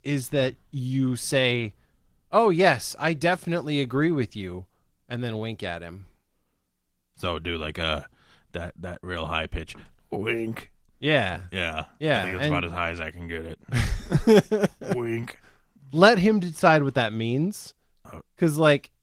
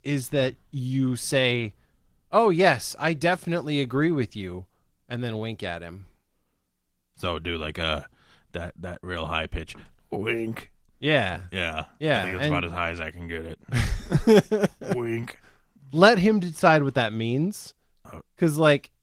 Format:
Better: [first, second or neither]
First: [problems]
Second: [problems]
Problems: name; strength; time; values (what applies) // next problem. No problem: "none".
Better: neither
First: garbled, watery; slightly; nothing above 16 kHz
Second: garbled, watery; slightly; nothing above 16 kHz